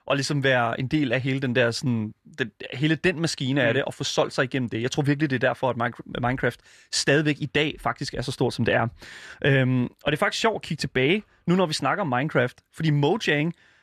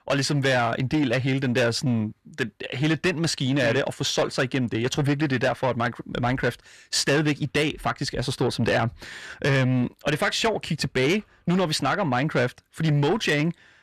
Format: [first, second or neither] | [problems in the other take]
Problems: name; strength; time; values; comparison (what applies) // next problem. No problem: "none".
first | distortion; slight; 10 dB below the speech